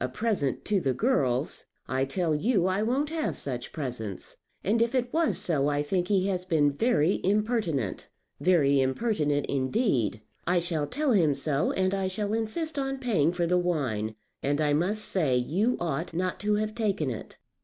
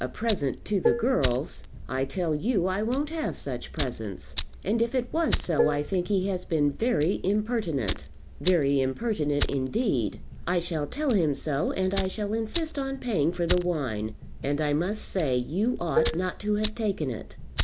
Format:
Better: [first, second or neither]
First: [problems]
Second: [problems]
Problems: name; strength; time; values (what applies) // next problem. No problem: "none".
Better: first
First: none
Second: background sound (Fire + Dishes, pots, and pans); 7 dB below the speech